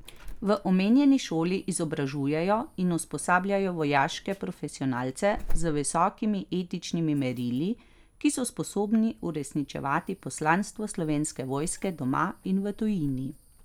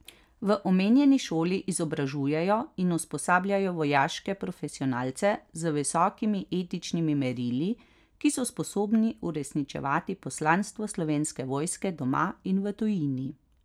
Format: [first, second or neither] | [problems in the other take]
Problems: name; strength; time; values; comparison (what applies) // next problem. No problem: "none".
second | background sound (Alarm / Insect); 11 dB below the speech